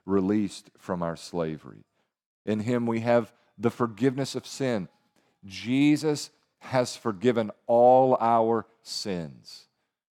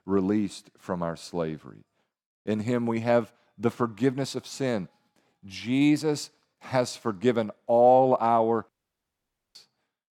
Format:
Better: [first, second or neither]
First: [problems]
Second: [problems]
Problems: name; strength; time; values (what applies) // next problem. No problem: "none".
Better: first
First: none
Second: audio cutting out; at 8.5 s for 1 s